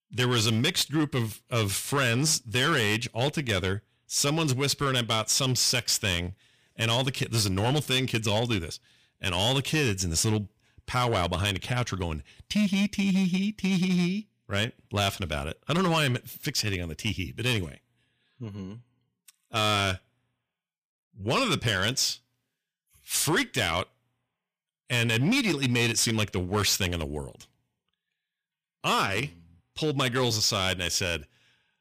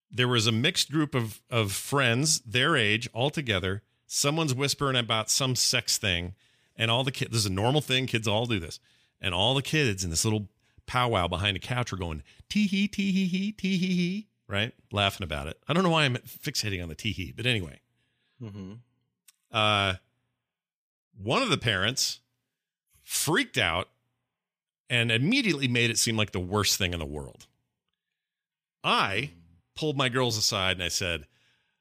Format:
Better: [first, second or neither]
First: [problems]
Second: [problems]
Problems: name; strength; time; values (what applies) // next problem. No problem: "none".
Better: second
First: distortion; slight; 6% of the sound clipped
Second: none